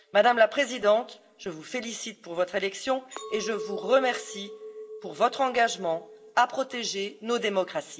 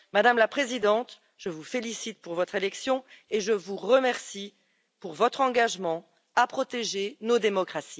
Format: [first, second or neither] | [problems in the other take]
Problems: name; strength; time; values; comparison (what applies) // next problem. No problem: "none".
second | background sound (Chink, clink); 16 dB below the speech // room echo; dies away in 0.3 s